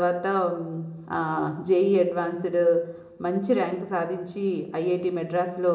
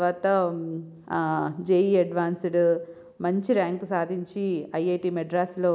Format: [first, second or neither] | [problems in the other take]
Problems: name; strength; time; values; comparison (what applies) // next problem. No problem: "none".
second | room echo; dies away in 1.6 s